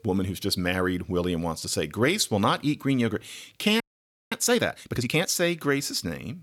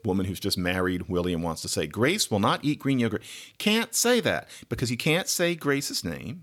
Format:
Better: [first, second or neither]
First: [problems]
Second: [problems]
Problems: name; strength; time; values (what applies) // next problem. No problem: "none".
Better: second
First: audio freezing; at 4 s for 0.5 s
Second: none